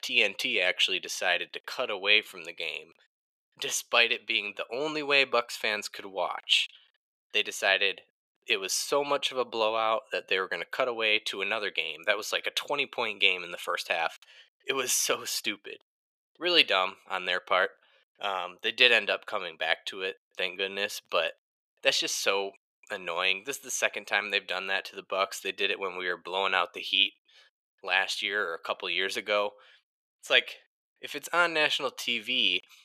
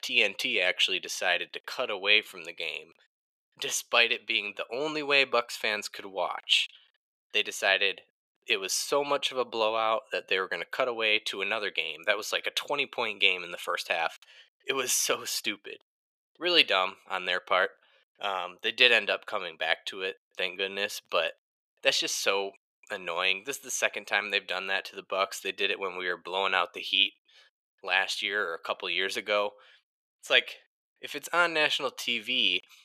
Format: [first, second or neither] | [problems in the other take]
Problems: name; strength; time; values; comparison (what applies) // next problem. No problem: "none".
neither | thin; very; fading below 600 Hz; the same in both